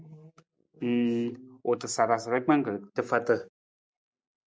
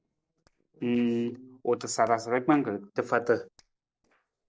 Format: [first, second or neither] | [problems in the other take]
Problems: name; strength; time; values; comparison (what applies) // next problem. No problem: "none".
first | noise reduction (neural separator model SepFormer DNS4)